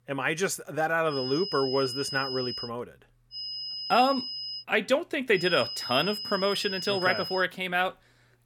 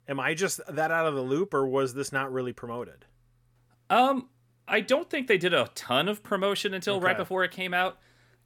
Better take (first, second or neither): second